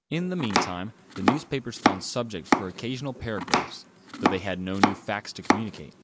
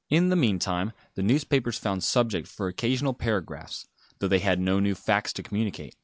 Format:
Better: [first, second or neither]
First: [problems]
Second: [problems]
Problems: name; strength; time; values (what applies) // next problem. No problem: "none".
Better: second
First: background sound (Domestic sounds, home sounds); 4 dB above the speech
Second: none